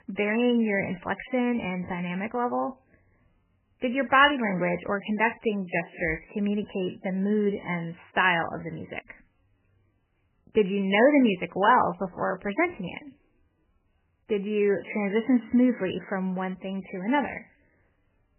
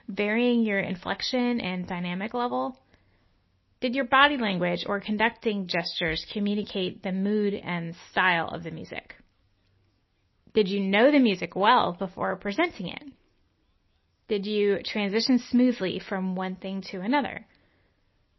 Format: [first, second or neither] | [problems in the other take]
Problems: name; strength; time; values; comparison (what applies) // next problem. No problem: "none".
second | garbled, watery; badly; nothing above 3 kHz; slightly in the second